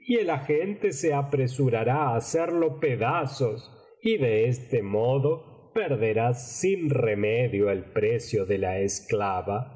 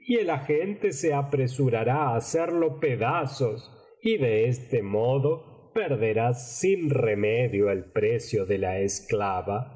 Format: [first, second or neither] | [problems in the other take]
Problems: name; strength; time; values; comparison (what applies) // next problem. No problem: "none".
first | noise reduction (neural mask model Resemble Enhance denoiser)